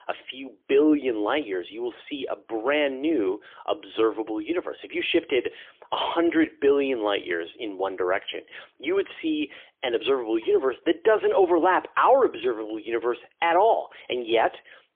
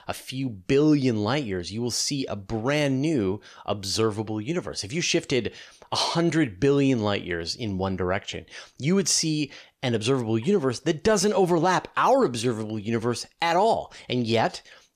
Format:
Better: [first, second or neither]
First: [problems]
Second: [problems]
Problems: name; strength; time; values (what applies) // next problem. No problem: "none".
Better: second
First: phone-call audio; poor line; nothing above 3.5 kHz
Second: none